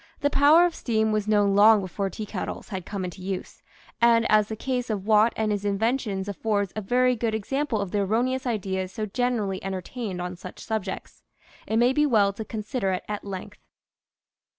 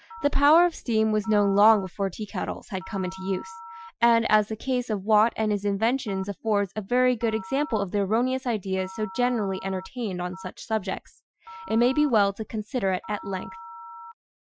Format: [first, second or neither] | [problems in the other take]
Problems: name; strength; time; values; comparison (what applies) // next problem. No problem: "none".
first | noise reduction (classical method Wiener filter)